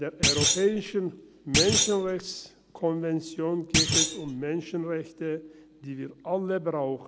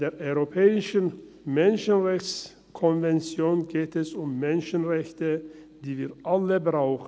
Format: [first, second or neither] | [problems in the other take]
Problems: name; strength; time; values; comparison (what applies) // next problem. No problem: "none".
second | background sound (Thump, thud); 2 dB above the speech